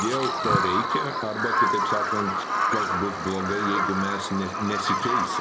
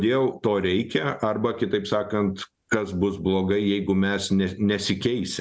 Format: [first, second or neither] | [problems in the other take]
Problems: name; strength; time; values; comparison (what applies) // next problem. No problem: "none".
second | background sound (Bird vocalization, bird call, bird song); 4 dB above the speech